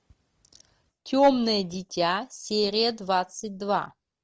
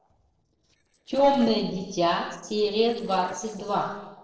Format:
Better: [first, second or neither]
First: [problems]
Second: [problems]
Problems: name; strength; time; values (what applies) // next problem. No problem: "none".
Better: first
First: none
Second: noise reduction (neural separator model SepFormer DNS4)